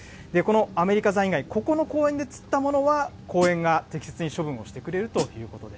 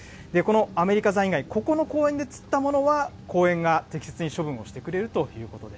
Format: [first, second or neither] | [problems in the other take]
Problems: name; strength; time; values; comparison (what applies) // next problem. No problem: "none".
second | background sound (Hi-hat); 11 dB below the speech